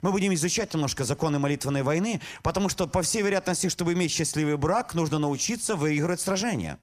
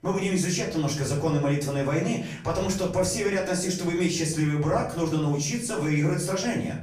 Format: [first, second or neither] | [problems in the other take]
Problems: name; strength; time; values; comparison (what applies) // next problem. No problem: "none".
first | room echo; slight; dies away in 0.5 s // off-mic speech; far